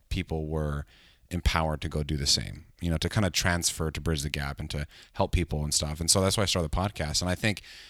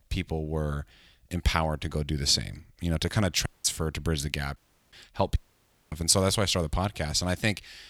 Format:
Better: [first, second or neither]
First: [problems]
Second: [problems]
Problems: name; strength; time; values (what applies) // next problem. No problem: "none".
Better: first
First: none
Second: audio cutting out; at 3.5 s, at 4.5 s and at 5.5 s for 0.5 s